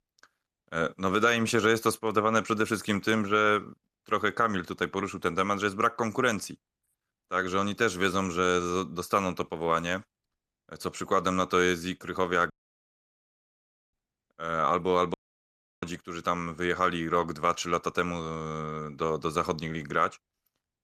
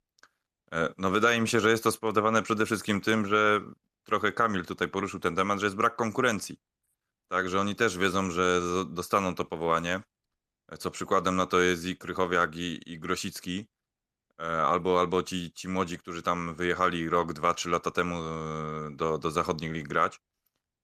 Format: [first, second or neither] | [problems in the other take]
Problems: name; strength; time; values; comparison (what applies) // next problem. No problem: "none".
second | audio cutting out; at 13 s for 1.5 s and at 15 s for 0.5 s